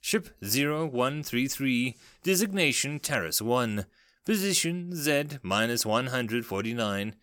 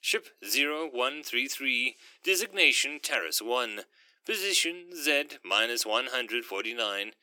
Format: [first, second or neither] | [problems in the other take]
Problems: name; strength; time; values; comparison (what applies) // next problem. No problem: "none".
first | thin; somewhat; fading below 300 Hz